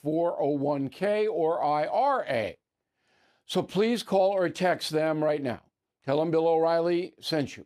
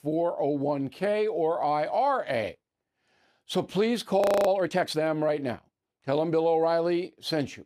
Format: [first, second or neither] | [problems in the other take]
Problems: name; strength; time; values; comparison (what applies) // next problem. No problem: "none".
first | audio freezing; at 4 s